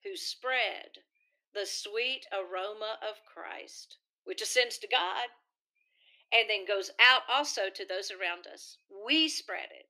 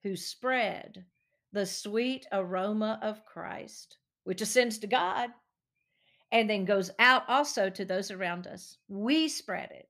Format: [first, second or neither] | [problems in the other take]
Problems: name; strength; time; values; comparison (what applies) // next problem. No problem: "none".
second | thin; somewhat; fading below 300 Hz